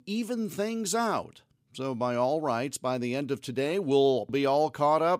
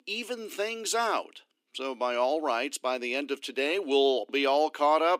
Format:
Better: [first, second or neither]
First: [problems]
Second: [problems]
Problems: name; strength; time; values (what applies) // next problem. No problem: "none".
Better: first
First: none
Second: thin; very slightly; fading below 300 Hz